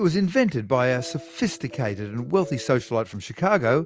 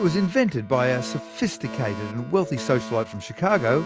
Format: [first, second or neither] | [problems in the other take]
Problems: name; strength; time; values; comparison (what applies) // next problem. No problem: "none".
first | background sound (Alarm); 13 dB below the speech